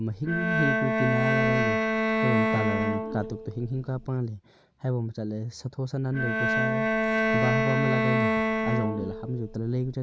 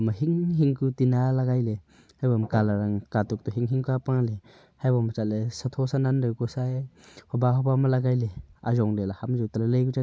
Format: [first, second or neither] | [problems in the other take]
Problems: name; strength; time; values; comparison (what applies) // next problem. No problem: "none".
second | background sound (Bowed string instrument); 3 dB above the speech